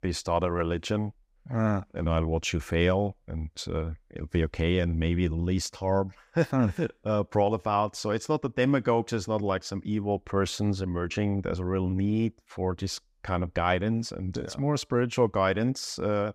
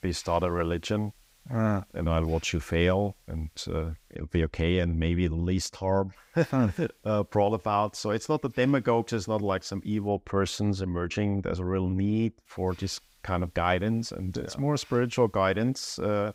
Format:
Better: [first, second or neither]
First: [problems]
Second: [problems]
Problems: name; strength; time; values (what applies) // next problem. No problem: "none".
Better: first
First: none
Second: hiss; faint; until 4 s, from 6 to 10 s and from 12 s on; 30 dB below the speech